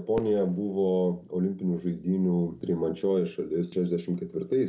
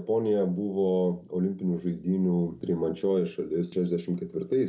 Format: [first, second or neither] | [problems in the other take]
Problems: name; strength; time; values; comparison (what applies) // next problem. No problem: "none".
second | background sound (Fireworks); 19 dB below the speech